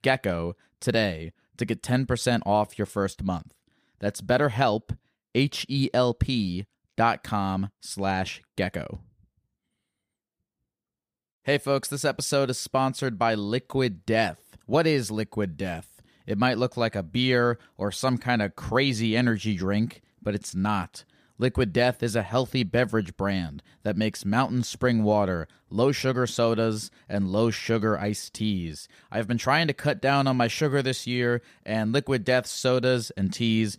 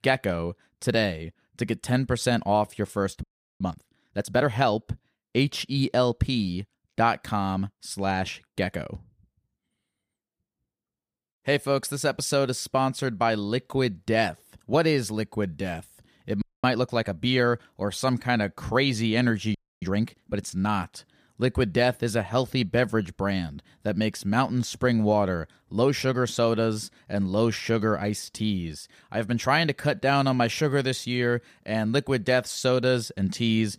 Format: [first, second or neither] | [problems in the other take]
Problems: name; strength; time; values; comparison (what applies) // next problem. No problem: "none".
first | audio freezing; at 3 s, at 16 s and at 20 s